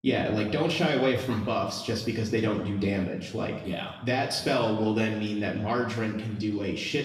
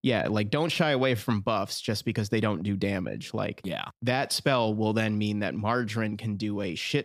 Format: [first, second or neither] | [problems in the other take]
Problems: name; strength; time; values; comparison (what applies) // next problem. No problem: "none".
second | room echo; noticeable; dies away in 0.9 s // off-mic speech; far